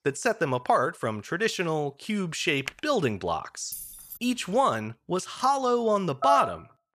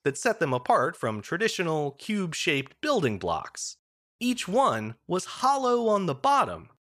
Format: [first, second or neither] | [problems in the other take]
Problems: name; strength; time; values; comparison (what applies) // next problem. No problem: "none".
second | keyboard typing; very faint; at 2.5 s; peak 10 dB below the speech // jangling keys; faint; at 3.5 s; peak 10 dB below the speech // phone ringing; loud; at 6 s; peak level with the speech